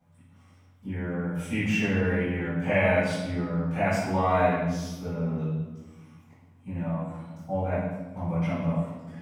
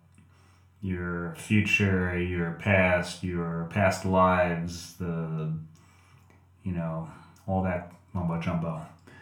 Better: second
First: room echo; strong; dies away in 1.1 s // off-mic speech; far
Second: room echo; slight; dies away in 0.3 s // off-mic speech; somewhat distant

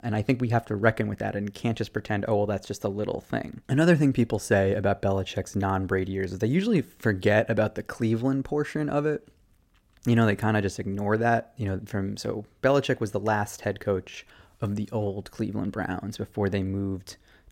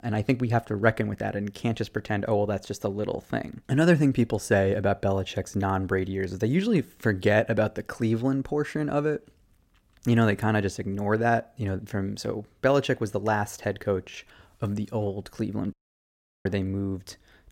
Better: first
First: none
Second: audio cutting out; at 16 s for 0.5 s

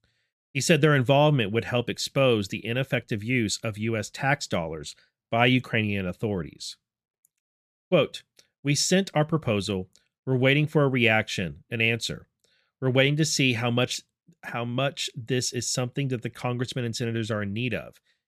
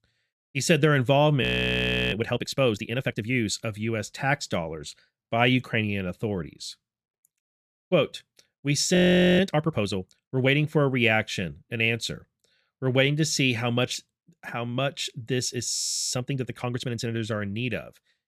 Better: first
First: none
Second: audio freezing; at 1.5 s for 0.5 s, at 9 s and at 16 s

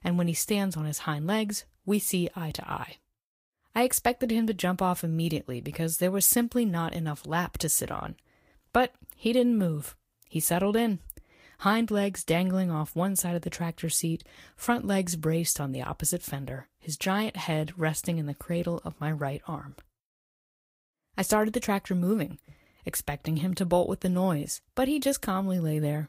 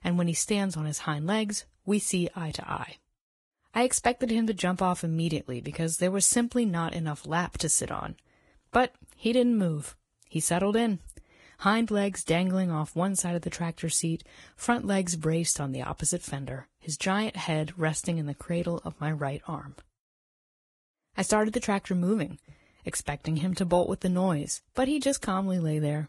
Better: first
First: garbled, watery; slightly; nothing above 15.5 kHz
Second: garbled, watery; badly; nothing above 10.5 kHz

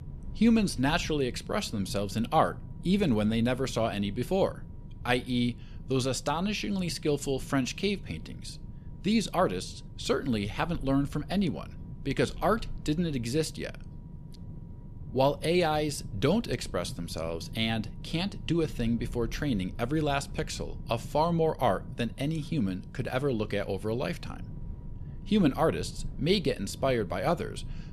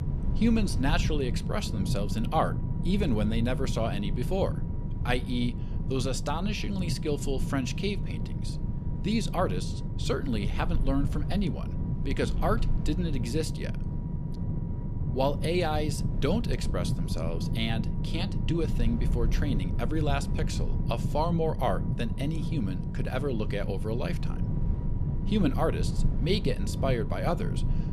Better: first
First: low rumble; faint; throughout; 25 dB below the speech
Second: low rumble; loud; throughout; 10 dB below the speech

